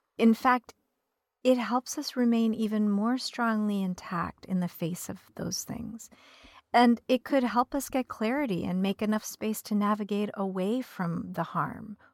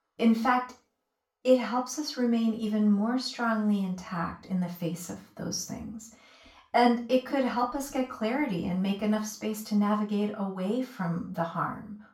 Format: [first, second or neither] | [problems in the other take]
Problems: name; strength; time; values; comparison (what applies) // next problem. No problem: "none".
first | room echo; slight; dies away in 0.3 s // off-mic speech; far